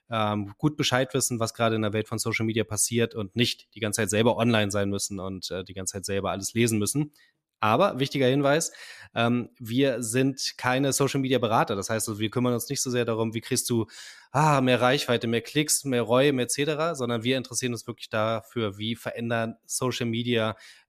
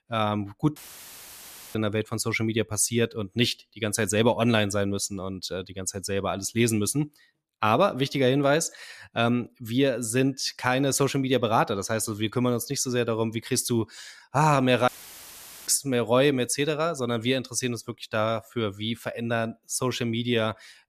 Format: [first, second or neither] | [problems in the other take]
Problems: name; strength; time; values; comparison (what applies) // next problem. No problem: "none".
first | audio cutting out; filled with static; at 1 s for 1 s and at 15 s for 1 s